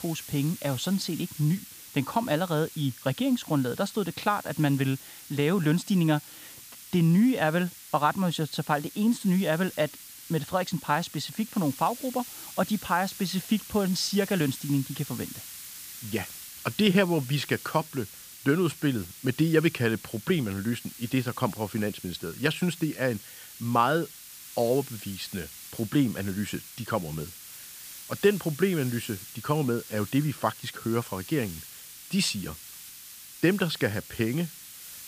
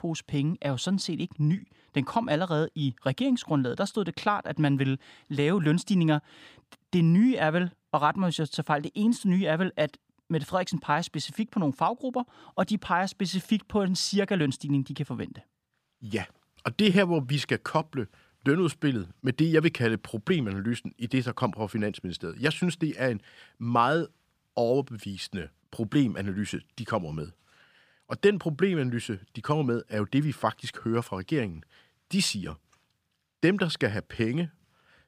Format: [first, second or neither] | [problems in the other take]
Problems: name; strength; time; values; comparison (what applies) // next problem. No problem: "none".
second | hiss; noticeable; throughout; 15 dB below the speech